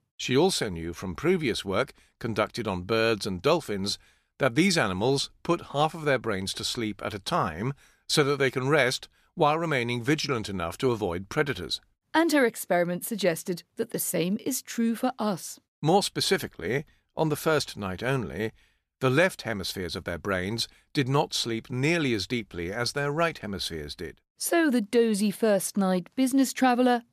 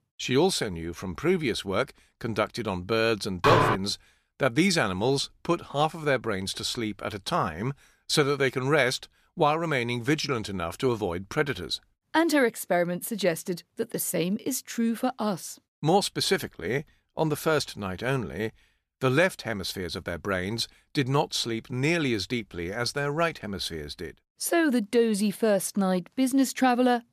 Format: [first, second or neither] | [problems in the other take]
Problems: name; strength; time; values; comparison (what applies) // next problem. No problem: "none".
first | clattering dishes; loud; at 3.5 s; peak 5 dB above the speech